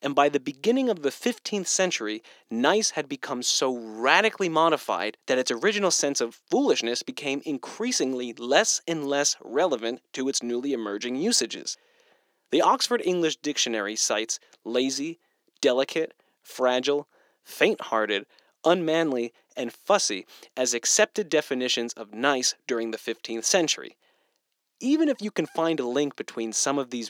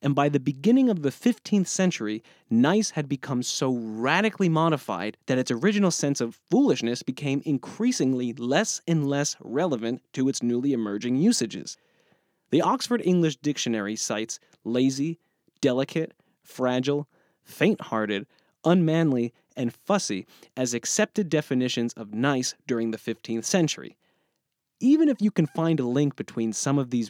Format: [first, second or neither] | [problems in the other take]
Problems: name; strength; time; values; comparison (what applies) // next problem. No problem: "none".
second | thin; somewhat; fading below 500 Hz